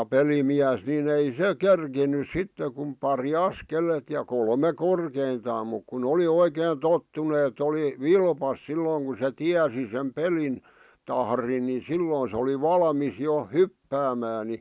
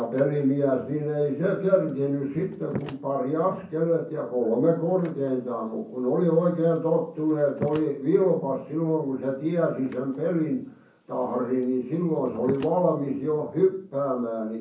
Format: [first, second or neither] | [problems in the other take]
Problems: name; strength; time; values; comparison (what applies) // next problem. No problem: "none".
first | background sound (Slam); 19 dB below the speech // room echo; dies away in 0.6 s